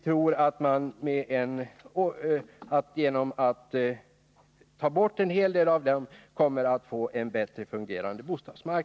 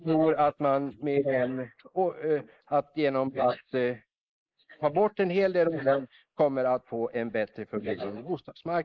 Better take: first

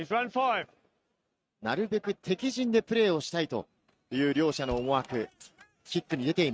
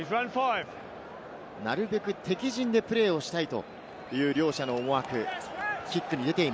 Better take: second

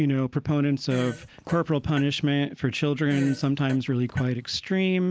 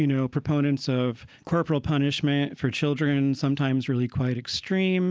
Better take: second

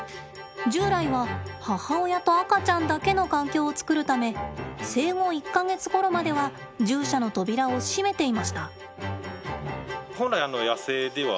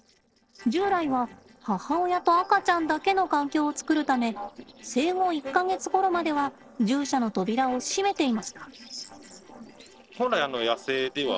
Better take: first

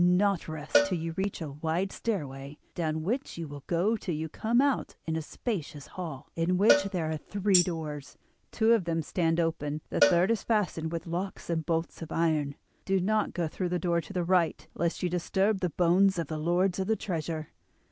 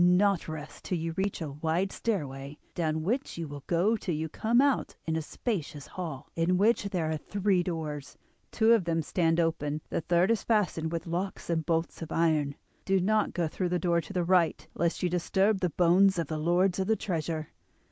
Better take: second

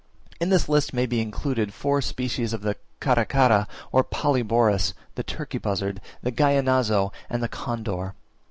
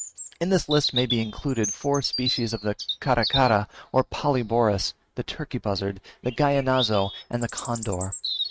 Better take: first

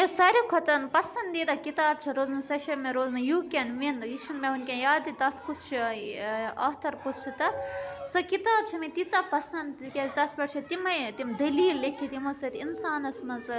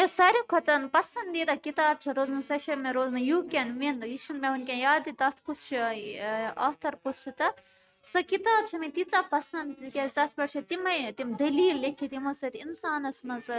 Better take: first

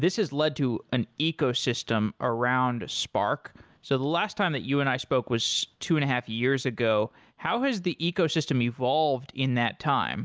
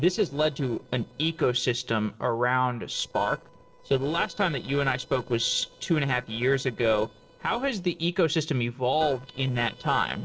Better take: first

